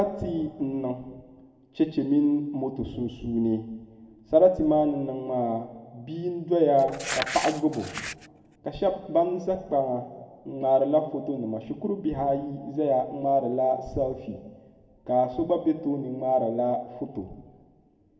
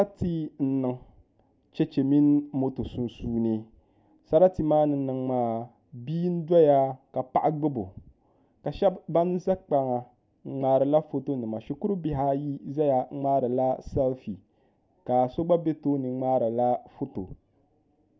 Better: second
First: background sound (Crumpling, crinkling); 9 dB below the speech // room echo; dies away in 1.4 s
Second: none

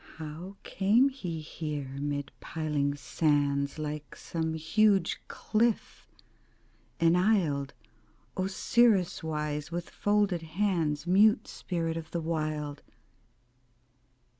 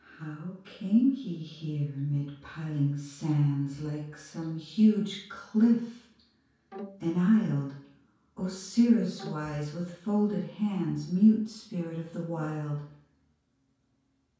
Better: first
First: none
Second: background sound (Bowed string instrument); 16 dB below the speech // room echo; dies away in 0.5 s

